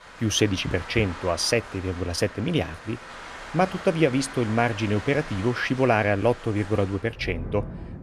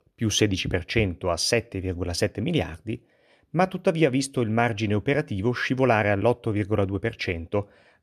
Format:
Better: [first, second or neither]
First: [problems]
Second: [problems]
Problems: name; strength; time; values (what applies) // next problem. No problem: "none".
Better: second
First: rain or running water; noticeable; throughout; 15 dB below the speech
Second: none